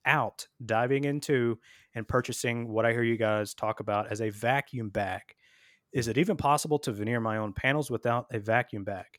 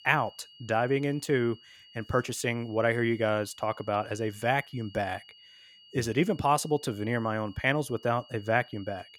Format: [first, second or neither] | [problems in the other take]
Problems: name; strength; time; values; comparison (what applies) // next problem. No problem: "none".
first | high-pitched whine; faint; throughout; 3 kHz, 25 dB below the speech